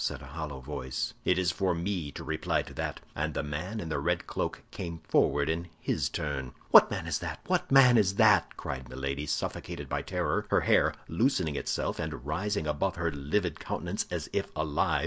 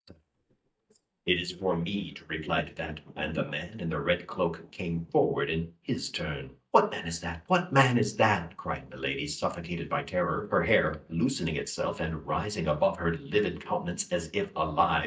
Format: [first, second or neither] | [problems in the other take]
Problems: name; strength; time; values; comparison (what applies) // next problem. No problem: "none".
first | noise reduction (neural mask model DeepFilterNet 3)